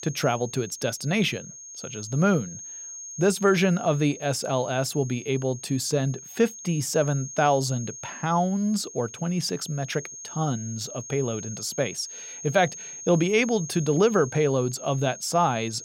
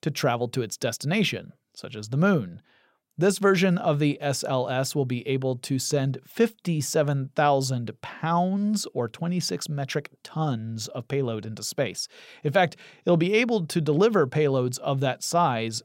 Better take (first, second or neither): second